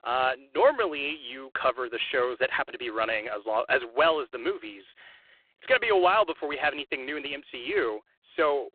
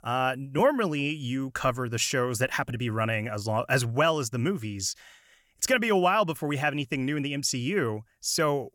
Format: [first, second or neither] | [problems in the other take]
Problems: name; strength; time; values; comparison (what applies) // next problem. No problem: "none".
second | phone-call audio; poor line